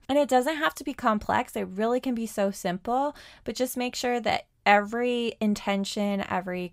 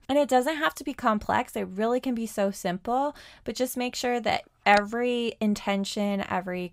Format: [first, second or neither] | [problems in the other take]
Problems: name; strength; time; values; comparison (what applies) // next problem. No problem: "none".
first | phone ringing; very faint; at 4.5 s; peak 10 dB below the speech